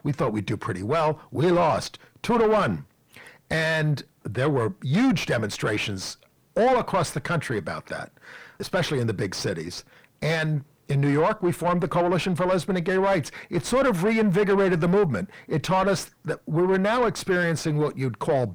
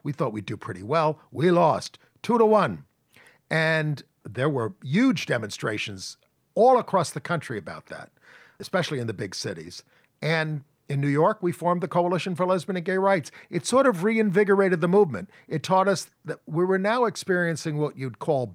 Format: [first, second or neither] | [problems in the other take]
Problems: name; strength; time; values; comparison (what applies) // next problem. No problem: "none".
second | distortion; heavy; 6 dB below the speech